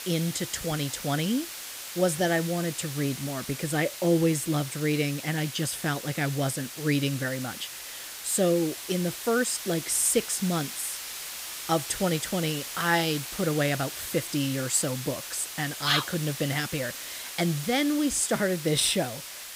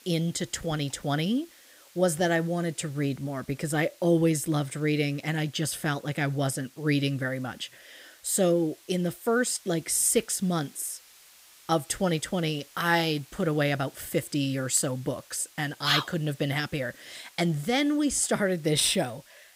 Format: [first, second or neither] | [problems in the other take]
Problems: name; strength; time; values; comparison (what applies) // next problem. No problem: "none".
second | hiss; loud; throughout; 8 dB below the speech; faint in the second